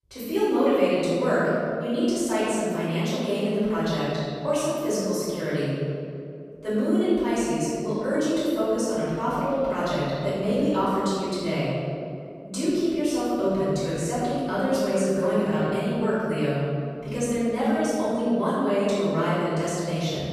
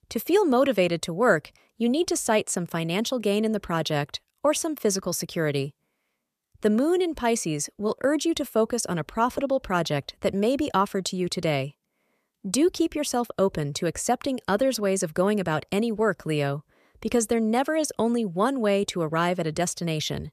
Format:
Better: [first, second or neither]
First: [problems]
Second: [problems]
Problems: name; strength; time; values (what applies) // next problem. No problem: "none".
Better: second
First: off-mic speech; far // room echo; strong; dies away in 2.5 s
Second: none